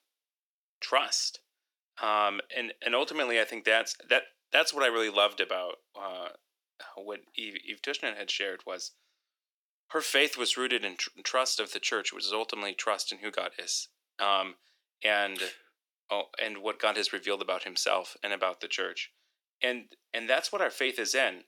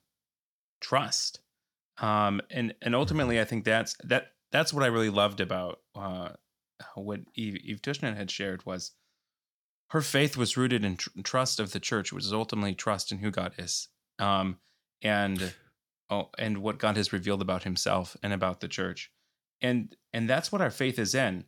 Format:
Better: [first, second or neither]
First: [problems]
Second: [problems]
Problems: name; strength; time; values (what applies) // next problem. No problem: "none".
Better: second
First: thin; very; fading below 350 Hz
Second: none